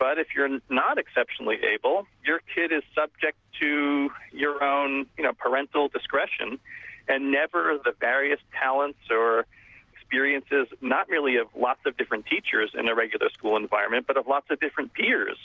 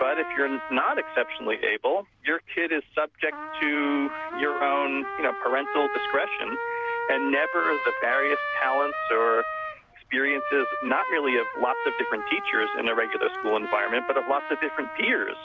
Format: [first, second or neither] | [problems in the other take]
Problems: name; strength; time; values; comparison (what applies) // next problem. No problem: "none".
first | background sound (Trumpet); 6 dB below the speech